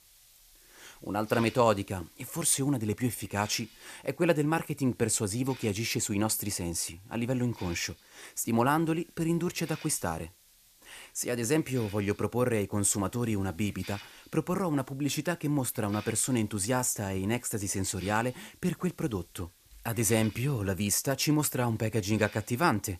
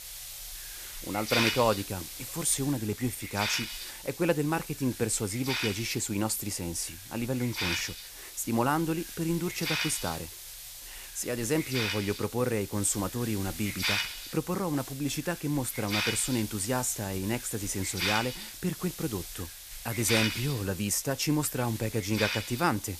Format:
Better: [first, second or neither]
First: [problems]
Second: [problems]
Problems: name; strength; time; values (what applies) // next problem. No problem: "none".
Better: first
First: hiss; faint; throughout; 25 dB below the speech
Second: hiss; loud; throughout; 4 dB below the speech